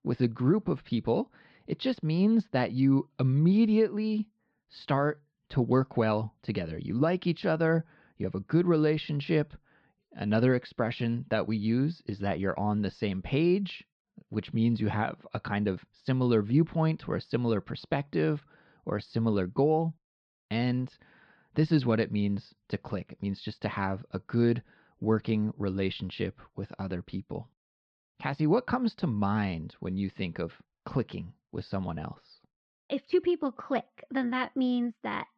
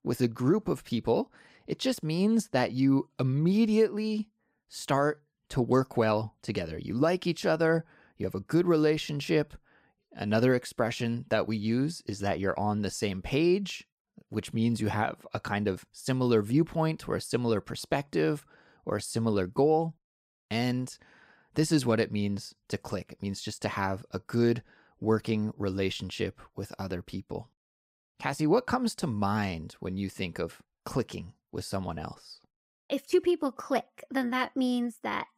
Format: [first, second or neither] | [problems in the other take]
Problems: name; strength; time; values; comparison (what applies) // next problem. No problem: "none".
second | muffled; very slightly; fading above 4 kHz